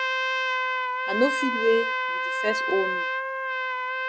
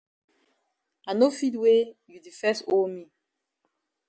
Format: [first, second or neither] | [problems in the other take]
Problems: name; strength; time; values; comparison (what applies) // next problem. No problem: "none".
second | background sound (Trumpet); 2 dB above the speech